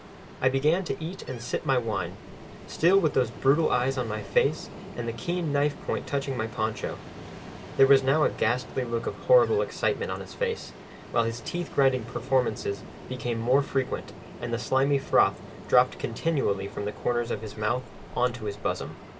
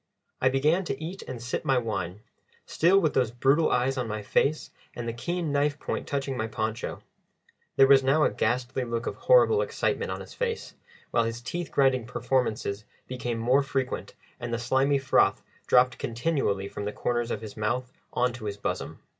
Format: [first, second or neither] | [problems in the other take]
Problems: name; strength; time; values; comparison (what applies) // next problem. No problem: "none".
second | background sound (Ocean); 15 dB below the speech